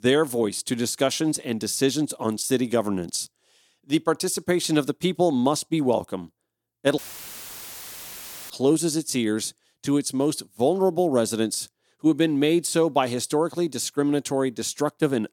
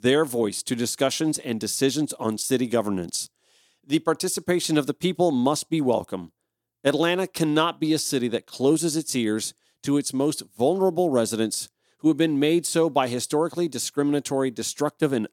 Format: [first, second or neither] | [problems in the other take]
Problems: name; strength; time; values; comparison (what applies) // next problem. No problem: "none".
second | audio cutting out; filled with static; at 7 s for 1.5 s